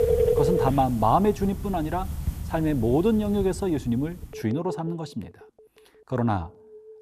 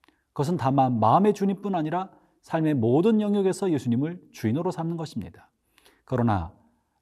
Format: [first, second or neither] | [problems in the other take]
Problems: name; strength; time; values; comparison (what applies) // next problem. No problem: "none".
second | alarms or sirens; loud; throughout; 5 dB below the speech